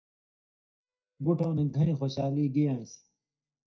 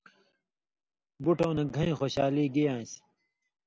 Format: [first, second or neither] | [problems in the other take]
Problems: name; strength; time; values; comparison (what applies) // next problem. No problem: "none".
second | noise reduction (neural mask model DeepFilterNet 3)